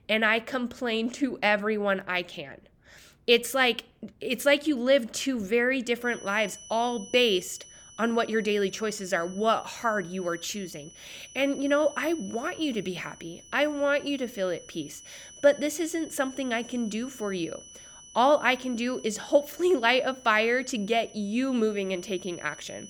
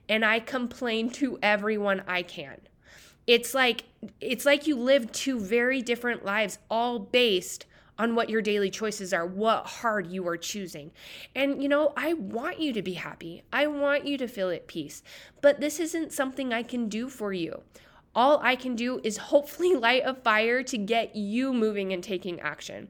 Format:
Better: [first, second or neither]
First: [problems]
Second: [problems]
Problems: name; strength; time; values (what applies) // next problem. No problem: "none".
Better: second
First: high-pitched whine; noticeable; from 6 s on; 6 kHz, 20 dB below the speech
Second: none